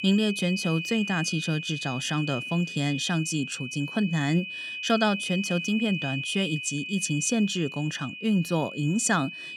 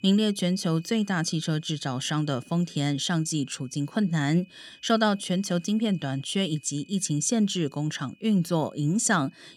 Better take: second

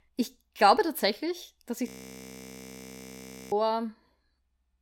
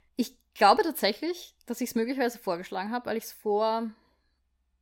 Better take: second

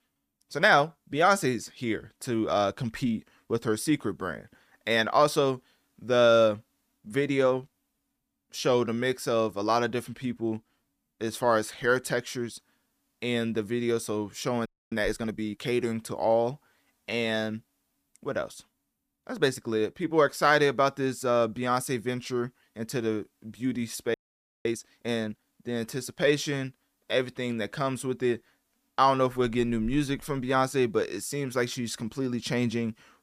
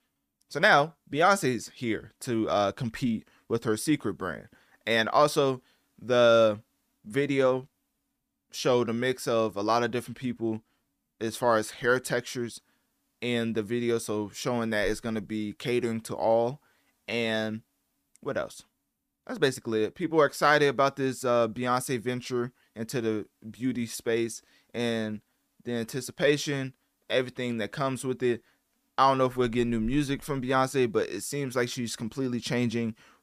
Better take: second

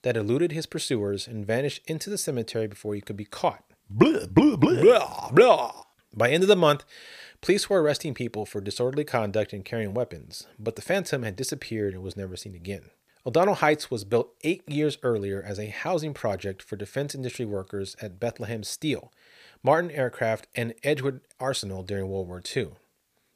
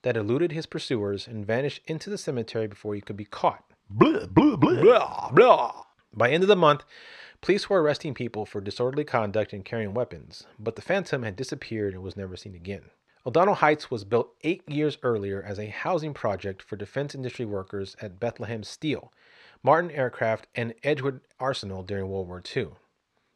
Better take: first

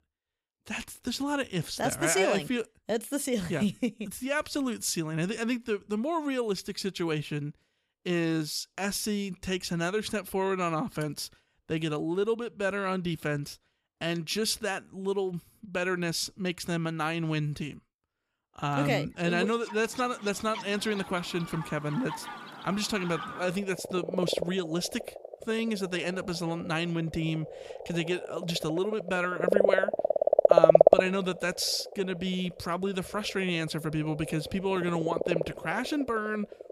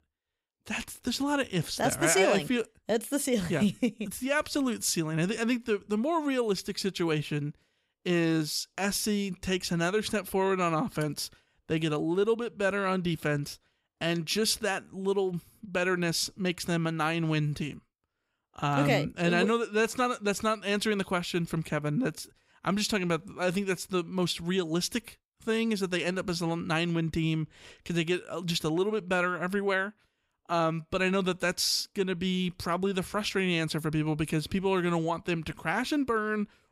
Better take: second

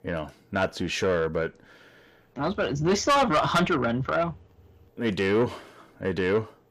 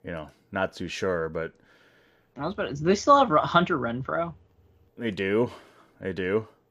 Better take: second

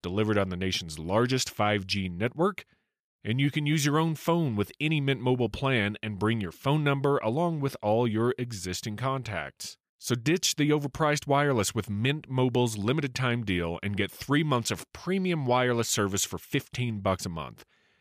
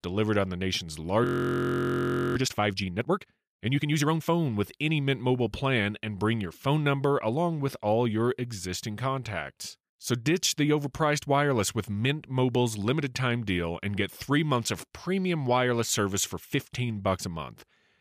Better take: first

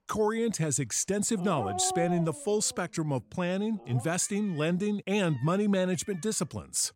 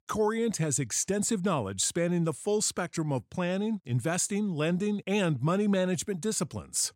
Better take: second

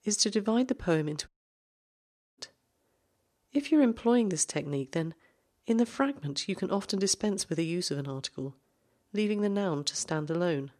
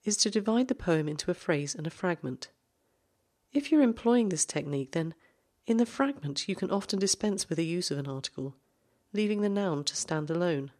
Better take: second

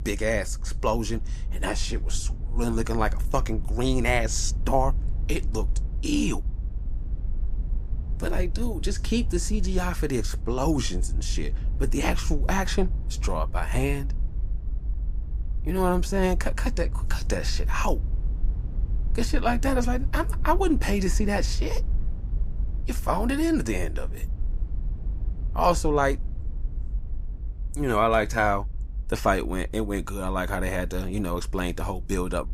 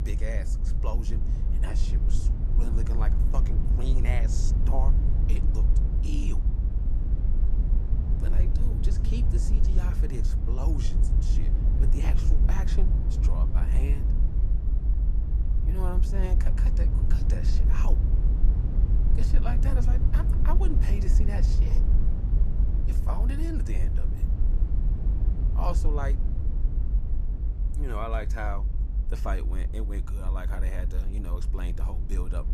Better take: first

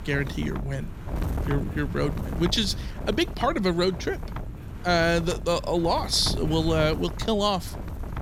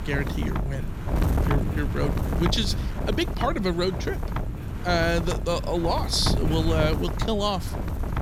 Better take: first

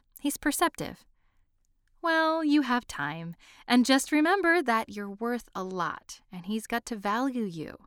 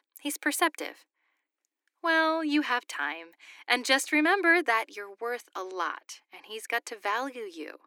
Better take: first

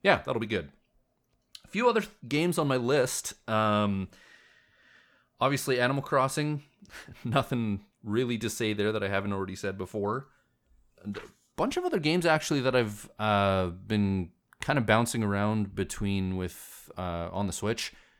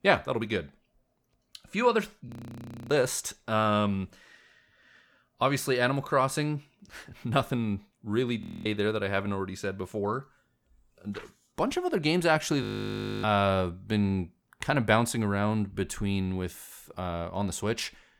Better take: first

